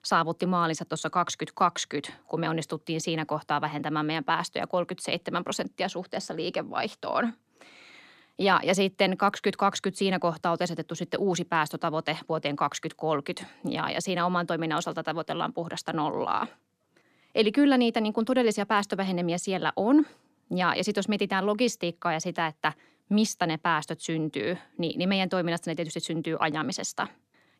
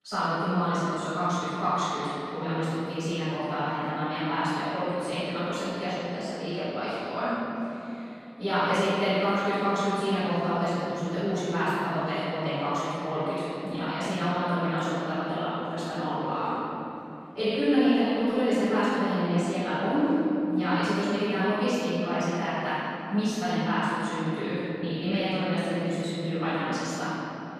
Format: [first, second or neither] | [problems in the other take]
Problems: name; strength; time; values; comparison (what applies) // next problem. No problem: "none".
first | room echo; strong; dies away in 3 s // off-mic speech; far